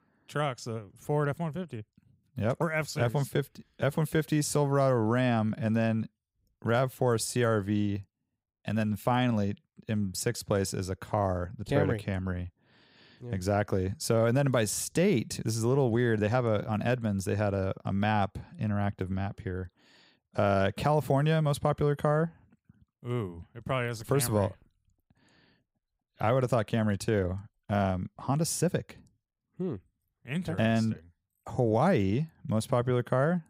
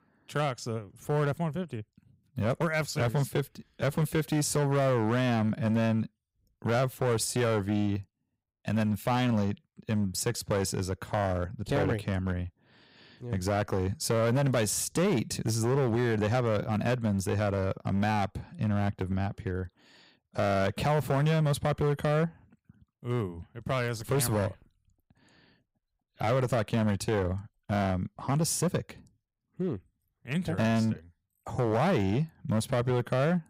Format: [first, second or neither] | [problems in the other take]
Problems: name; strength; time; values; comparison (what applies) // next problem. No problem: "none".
first | distortion; slight; 10% of the sound clipped